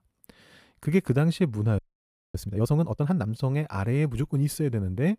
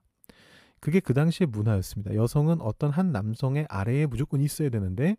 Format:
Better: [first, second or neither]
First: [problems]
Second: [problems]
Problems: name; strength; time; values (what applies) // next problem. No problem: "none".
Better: second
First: audio freezing; at 2 s for 0.5 s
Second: none